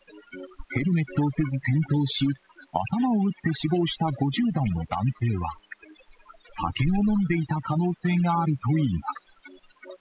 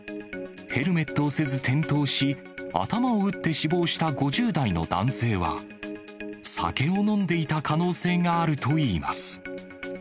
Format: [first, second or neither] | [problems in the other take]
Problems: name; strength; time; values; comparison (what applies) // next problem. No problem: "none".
second | noise reduction (classical method spectral subtraction)